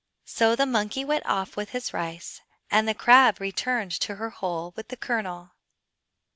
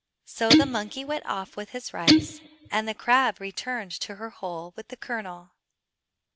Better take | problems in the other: first | background sound (Guitar); 5 dB above the speech

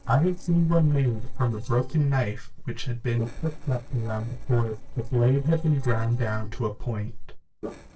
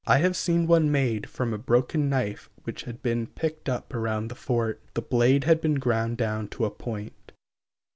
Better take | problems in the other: second | noise reduction (neural separator model SepFormer DNS4)

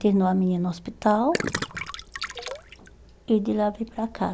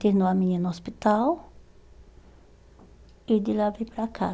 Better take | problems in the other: second | background sound (Gurgling); 7 dB below the speech

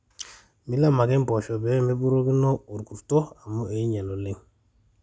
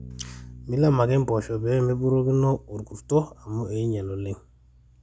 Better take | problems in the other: first | background sound (Bass guitar); 20 dB below the speech

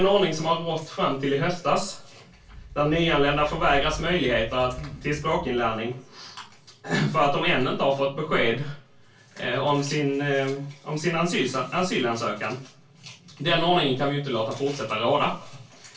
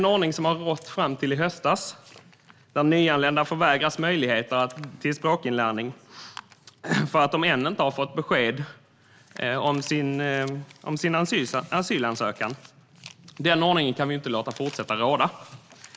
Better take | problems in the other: second | background sound (Thunder / Wind); 14 dB below the speech // room echo; dies away in 0.2 s

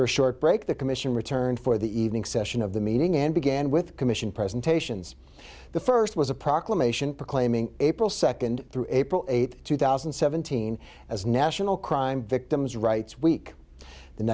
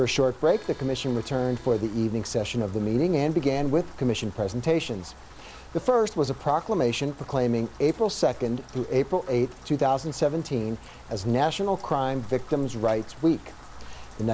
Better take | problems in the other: first | background sound (Rain + Accordion); 17 dB below the speech

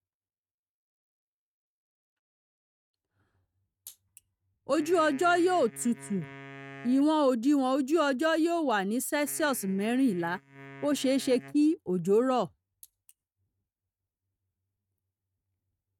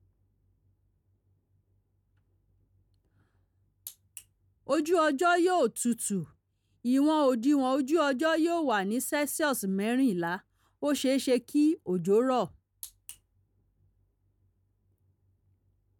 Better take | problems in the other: second | noise reduction (neural mask model RNNoise)

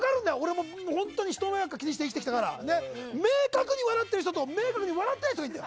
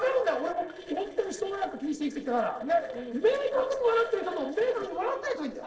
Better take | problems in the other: first | noise reduction (neural separator model SepFormer DNS4)

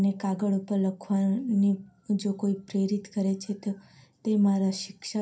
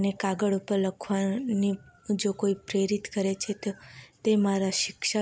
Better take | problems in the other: second | room echo; dies away in 0.3 s

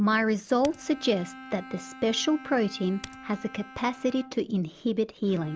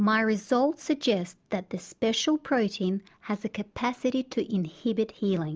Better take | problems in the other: second | background sound (Typing + Bowed string instrument); 18 dB below the speech

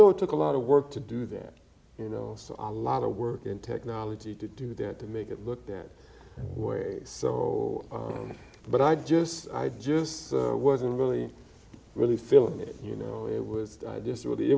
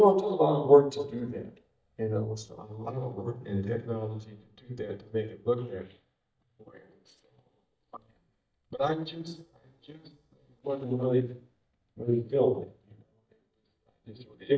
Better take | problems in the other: first | noise reduction (neural mask model DeepFilterNet 3)

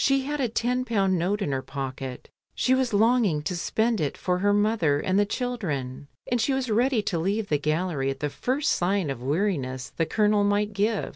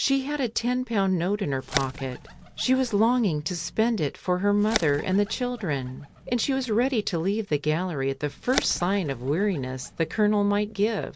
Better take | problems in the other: first | background sound (Bird); 13 dB below the speech

